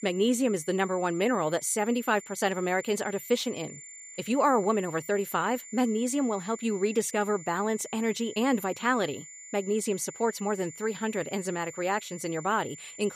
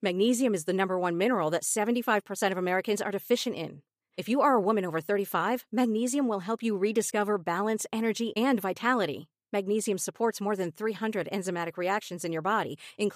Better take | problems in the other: second | high-pitched whine; noticeable; throughout; 7 kHz, 15 dB below the speech

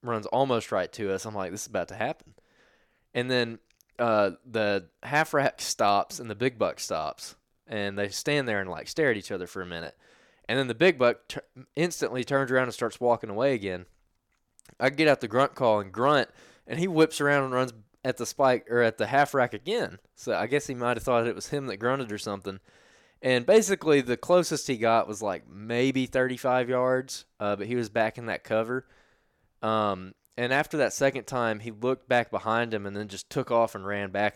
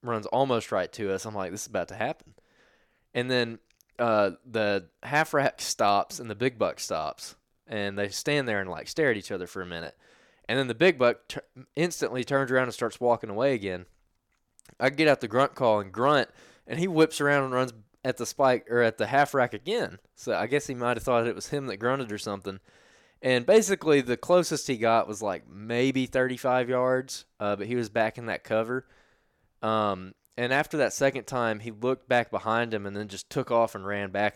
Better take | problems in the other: neither | none

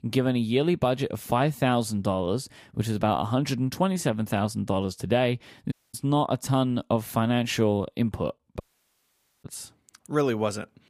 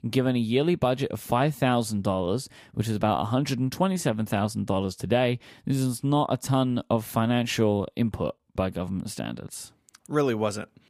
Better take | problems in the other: second | audio cutting out; at 5.5 s and at 8.5 s for 1 s

